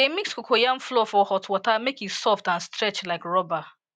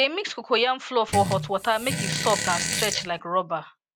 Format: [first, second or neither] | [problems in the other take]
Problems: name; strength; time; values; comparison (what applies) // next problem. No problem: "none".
first | background sound (Fart); 4 dB below the speech